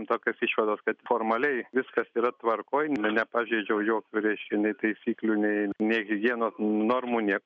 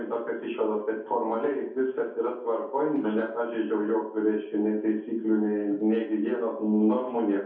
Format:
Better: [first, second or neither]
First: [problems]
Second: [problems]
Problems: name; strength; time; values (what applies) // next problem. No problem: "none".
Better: first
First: none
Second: room echo; dies away in 0.6 s